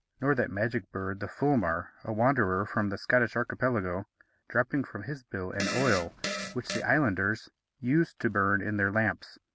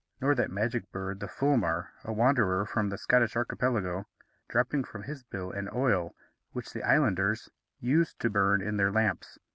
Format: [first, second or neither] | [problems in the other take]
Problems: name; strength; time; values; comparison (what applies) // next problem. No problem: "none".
second | background sound (Fart); 6 dB below the speech